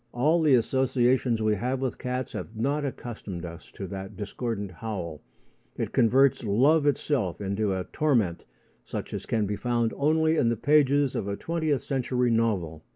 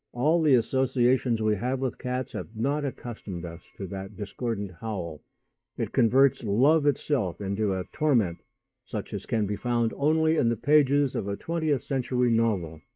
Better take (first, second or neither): first